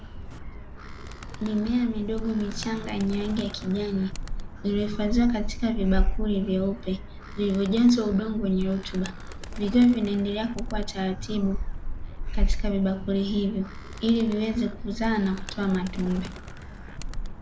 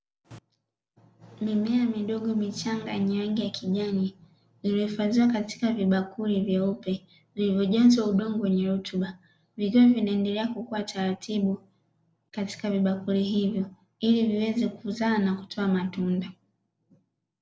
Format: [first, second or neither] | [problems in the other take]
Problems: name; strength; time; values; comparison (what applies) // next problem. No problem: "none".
second | background sound (Animal); 4 dB below the speech